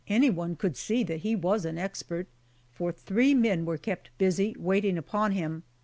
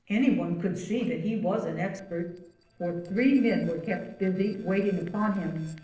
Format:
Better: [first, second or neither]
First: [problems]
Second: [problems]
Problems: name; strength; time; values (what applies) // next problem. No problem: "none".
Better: first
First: none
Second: noise reduction (neural separator model SepFormer DNS4)